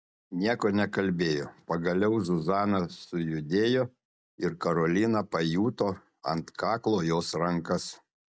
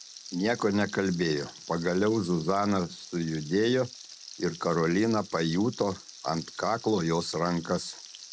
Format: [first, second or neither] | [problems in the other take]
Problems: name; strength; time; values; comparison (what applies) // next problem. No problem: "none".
first | background sound (Frying (food)); 17 dB below the speech